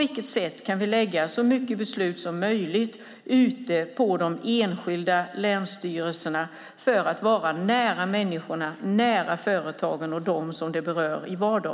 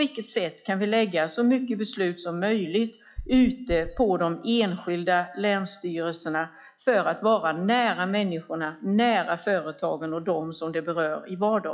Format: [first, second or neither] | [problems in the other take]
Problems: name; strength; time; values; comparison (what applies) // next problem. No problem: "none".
first | noise reduction (classical method log-MMSE)